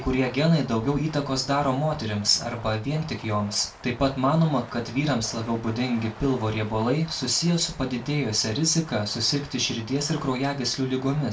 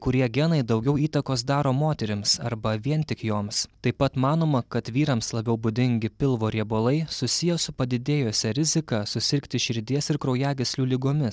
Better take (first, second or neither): second